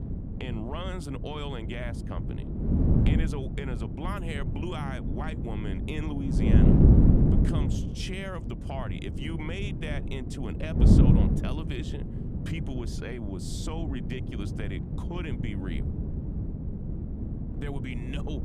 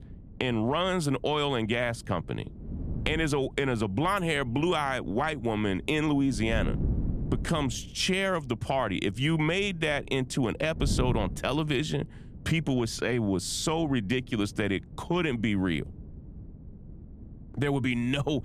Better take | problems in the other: second | wind noise on the microphone; heavy; 2 dB above the speech; occasional gusts in the second

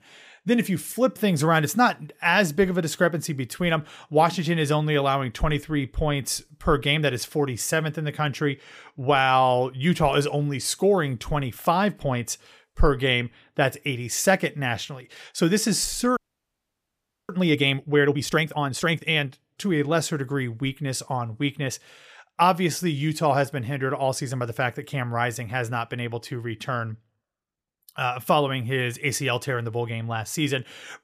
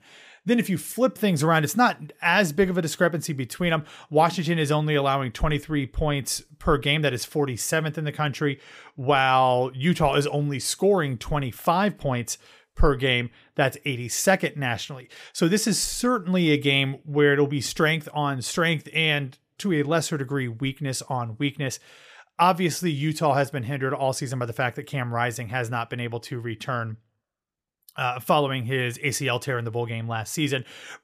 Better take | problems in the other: second | audio freezing; at 16 s for 1 s

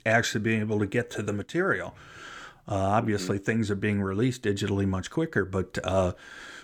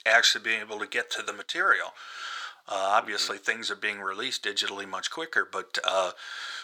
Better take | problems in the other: first | thin; very; fading below 850 Hz

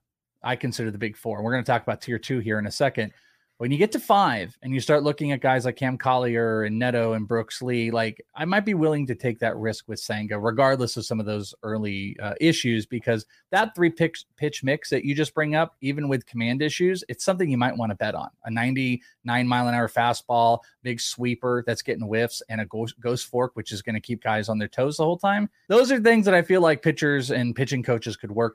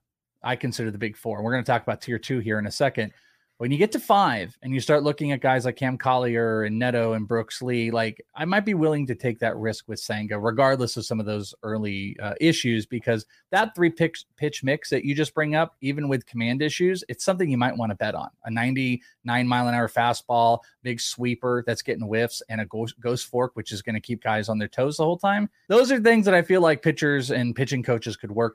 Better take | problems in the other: neither | none

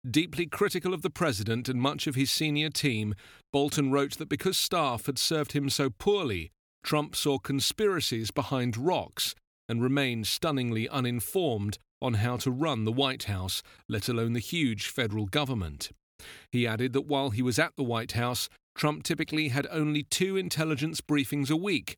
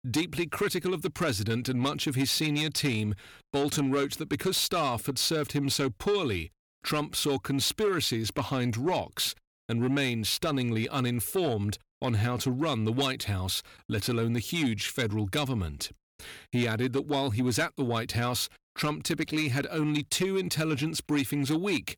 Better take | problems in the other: first | distortion; slight; 10 dB below the speech

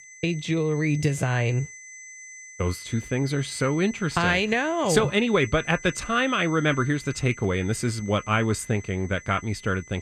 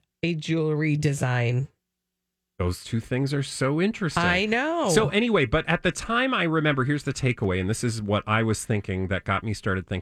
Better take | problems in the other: second | high-pitched whine; noticeable; throughout; 2 kHz, 15 dB below the speech

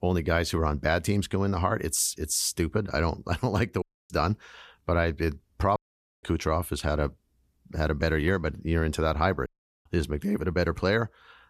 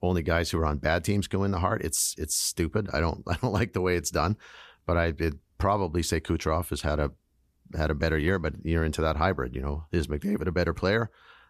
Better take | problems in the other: second | audio cutting out; at 4 s, at 6 s and at 9.5 s

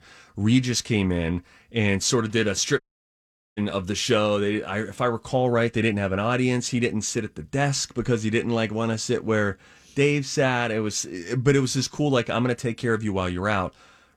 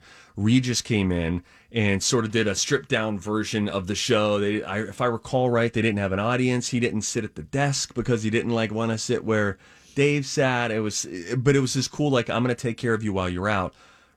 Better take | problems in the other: second | audio cutting out; at 3 s for 1 s

